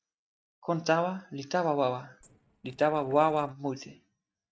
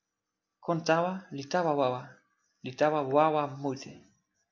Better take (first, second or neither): second